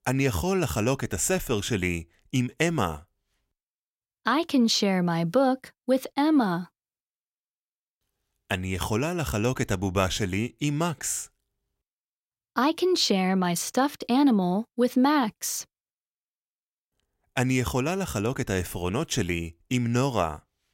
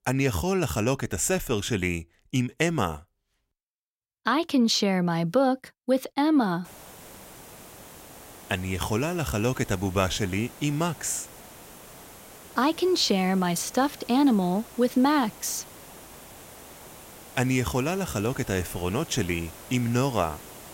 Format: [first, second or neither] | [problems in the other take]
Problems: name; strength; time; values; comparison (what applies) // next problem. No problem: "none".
first | hiss; noticeable; from 6.5 s on; 20 dB below the speech